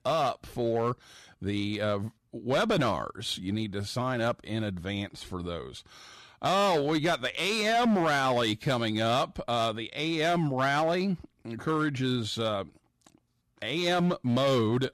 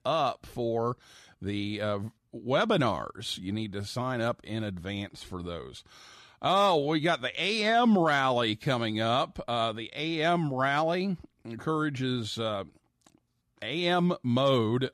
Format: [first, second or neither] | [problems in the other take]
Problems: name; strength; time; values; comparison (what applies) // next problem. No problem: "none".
second | distortion; slight; 8% of the sound clipped